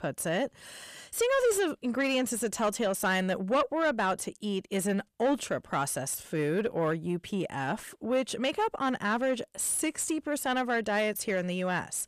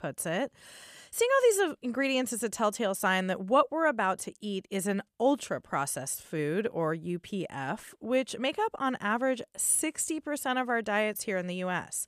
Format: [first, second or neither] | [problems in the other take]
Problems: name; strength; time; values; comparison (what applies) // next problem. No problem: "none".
second | distortion; slight; 10 dB below the speech